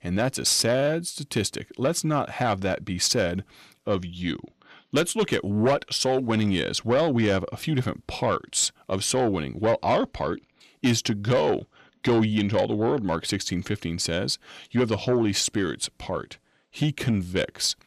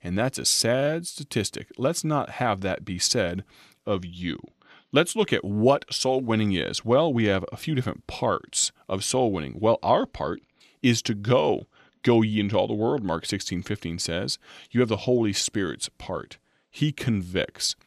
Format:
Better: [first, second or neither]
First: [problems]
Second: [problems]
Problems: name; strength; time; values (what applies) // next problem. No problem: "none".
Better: second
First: distortion; slight; 10 dB below the speech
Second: none